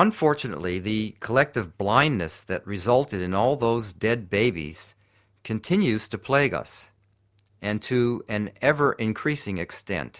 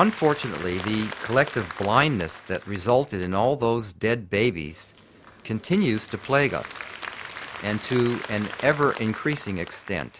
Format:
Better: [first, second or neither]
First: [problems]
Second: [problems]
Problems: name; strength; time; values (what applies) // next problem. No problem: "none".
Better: first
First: none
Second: background sound (Applause); 14 dB below the speech